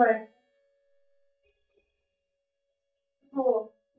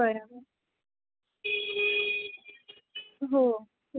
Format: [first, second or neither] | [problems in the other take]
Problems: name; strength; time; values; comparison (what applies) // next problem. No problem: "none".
second | noise reduction (neural mask model DeepFilterNet 3)